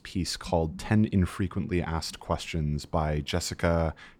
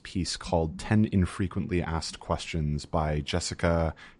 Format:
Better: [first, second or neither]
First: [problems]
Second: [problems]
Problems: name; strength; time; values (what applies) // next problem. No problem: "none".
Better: first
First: none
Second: garbled, watery; slightly; nothing above 10.5 kHz